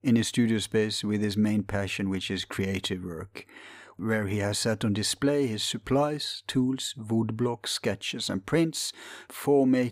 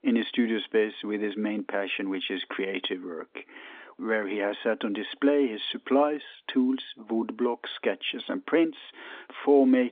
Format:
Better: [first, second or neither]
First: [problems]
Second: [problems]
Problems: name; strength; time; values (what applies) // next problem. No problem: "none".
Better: first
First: none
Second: phone-call audio; nothing above 3.5 kHz